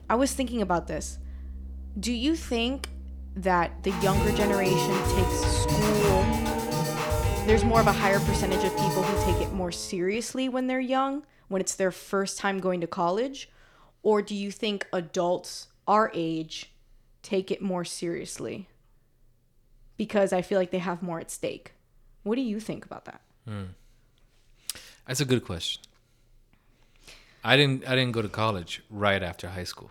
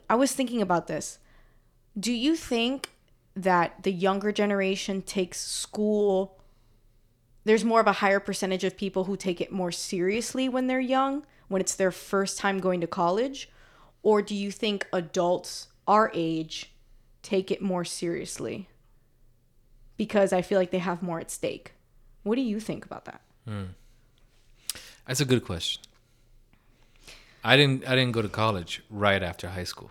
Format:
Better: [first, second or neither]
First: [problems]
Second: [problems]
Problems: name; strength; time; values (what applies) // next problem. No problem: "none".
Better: second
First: background music; very loud; until 10 s; 1 dB above the speech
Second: none